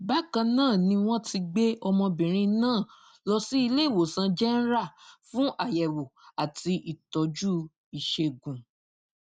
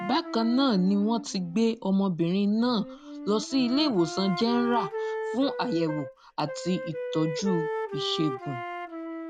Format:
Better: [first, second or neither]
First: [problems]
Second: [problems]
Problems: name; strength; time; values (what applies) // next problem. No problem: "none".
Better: first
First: none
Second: background sound (Wind instrument, woodwind instrument); 8 dB below the speech